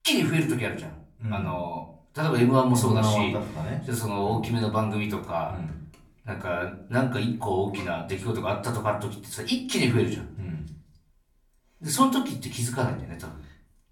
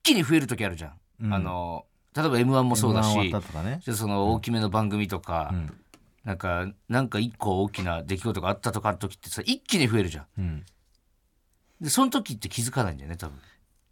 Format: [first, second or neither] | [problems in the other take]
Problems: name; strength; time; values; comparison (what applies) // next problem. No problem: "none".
second | off-mic speech; far // room echo; slight; dies away in 0.4 s